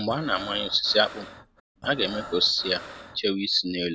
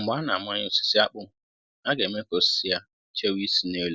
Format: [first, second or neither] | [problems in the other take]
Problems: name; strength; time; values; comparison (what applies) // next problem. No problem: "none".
second | background sound (Breathing); 14 dB below the speech